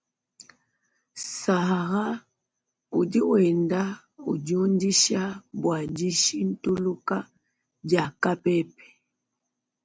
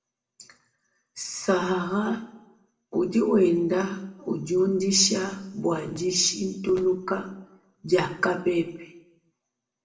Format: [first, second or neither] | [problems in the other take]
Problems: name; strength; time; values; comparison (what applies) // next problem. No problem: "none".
first | room echo; dies away in 0.6 s